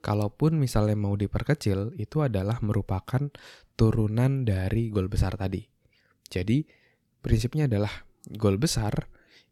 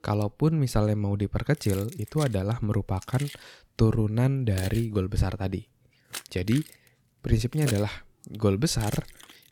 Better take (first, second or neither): first